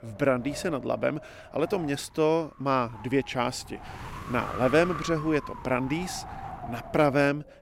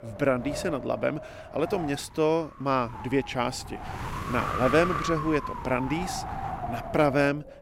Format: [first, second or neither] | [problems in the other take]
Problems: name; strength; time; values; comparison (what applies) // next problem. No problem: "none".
first | wind noise on the microphone; heavy; 6 dB below the speech; occasional gusts in the first